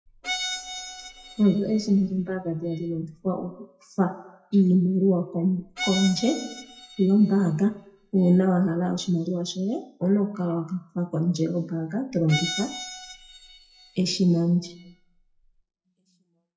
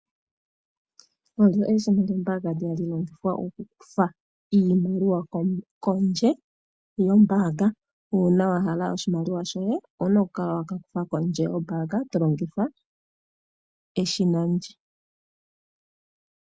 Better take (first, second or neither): second